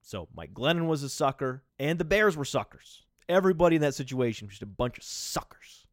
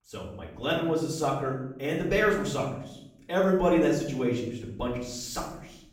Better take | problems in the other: first | off-mic speech; far // room echo; noticeable; dies away in 0.8 s

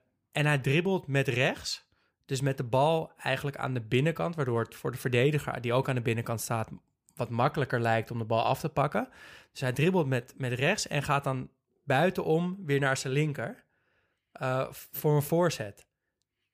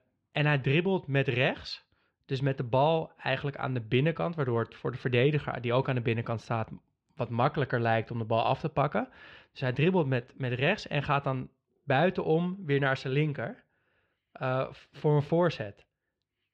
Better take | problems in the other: first | muffled; slightly; fading above 4 kHz

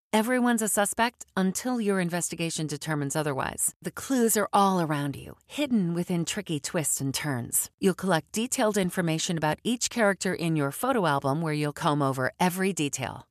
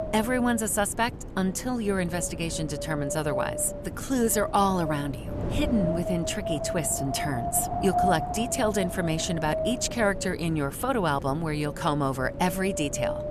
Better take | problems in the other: first | wind noise on the microphone; heavy; 4 dB below the speech

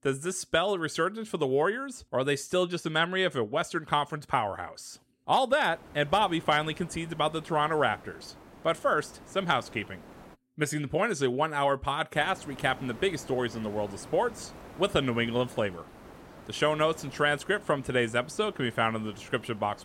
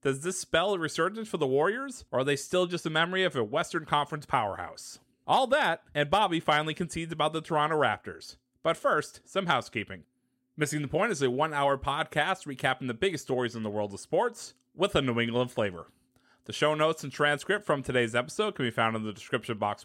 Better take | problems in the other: second | hiss; noticeable; from 5.5 to 10 s and from 12 s on; 20 dB below the speech

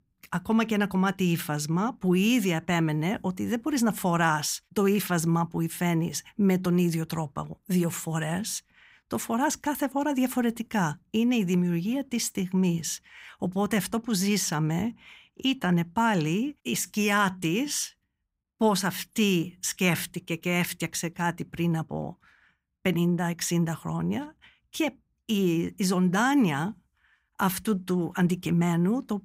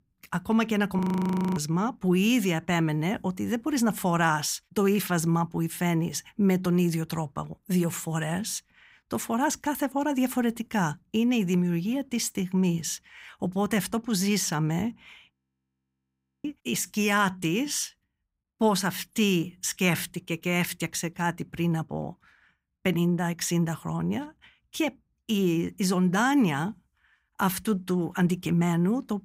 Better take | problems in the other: first | audio freezing; at 1 s for 0.5 s and at 15 s for 1 s

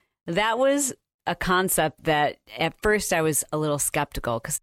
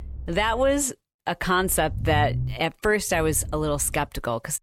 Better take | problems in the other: first | low rumble; faint; at the start, at 1.5 s and at 3 s; 20 dB below the speech

